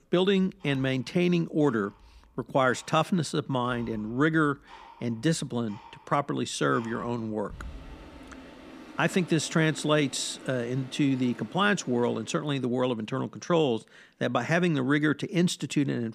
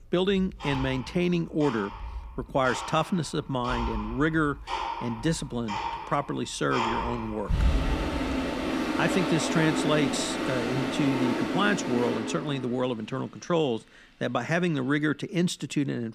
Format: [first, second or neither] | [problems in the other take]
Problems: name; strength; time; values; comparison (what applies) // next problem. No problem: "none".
first | household noises; loud; throughout; 3 dB below the speech; faint in the first